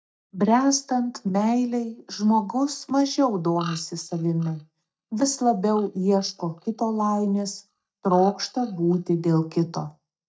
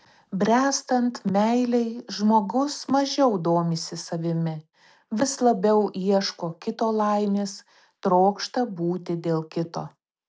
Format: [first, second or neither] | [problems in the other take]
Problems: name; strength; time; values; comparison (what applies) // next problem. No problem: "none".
second | noise reduction (neural mask model DeepFilterNet 3)